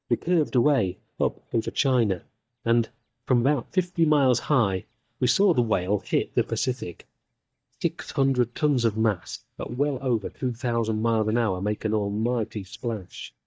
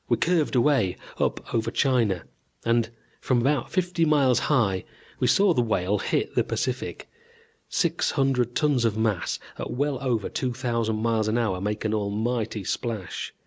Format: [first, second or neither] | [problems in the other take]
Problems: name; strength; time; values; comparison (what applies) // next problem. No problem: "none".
second | noise reduction (neural mask model DeepFilterNet 3)